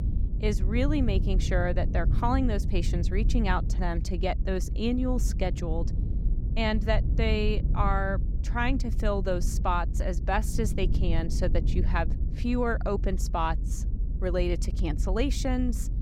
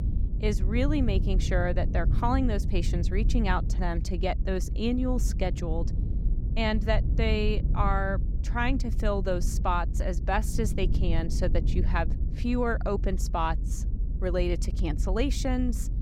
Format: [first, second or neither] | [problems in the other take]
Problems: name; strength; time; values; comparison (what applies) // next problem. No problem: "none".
neither | low rumble; noticeable; throughout; 15 dB below the speech; the same in both